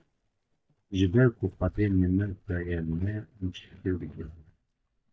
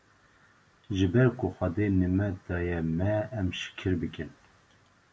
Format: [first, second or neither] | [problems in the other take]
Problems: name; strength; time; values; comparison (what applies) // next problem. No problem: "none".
second | noise reduction (neural mask model DeepFilterNet 3)